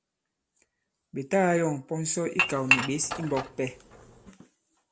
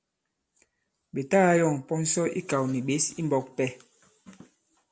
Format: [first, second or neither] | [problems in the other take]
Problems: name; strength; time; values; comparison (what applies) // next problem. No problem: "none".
second | background sound (Dishes, pots, and pans / Chink, clink); 1 dB above the speech